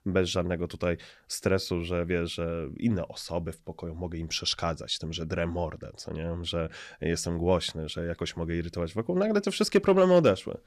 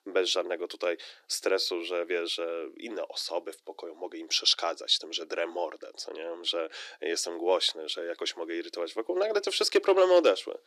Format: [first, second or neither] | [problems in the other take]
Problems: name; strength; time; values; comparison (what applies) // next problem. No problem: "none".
first | thin; very; fading below 300 Hz